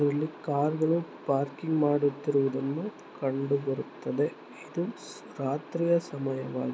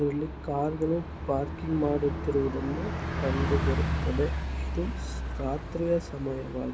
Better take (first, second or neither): first